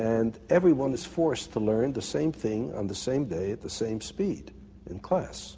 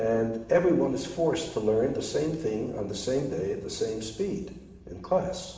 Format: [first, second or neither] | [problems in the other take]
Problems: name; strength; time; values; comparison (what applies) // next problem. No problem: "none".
first | room echo; dies away in 1.1 s